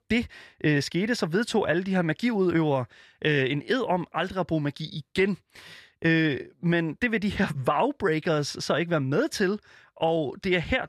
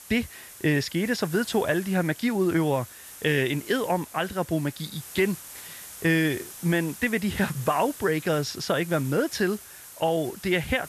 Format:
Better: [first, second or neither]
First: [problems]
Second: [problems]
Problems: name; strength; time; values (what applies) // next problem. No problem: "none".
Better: first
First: none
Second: hiss; noticeable; throughout; 15 dB below the speech